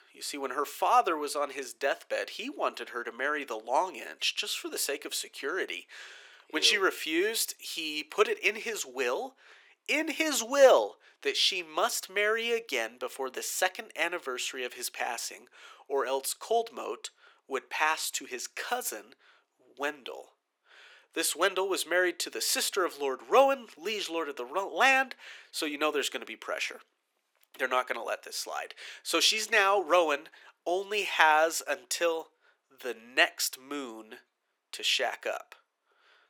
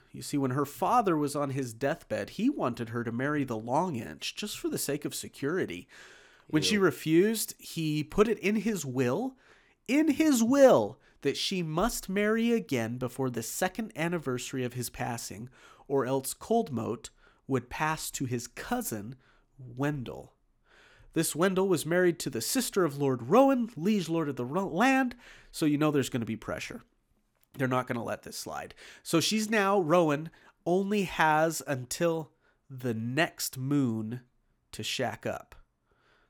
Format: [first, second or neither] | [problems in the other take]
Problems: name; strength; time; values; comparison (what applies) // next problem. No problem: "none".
second | thin; very; fading below 400 Hz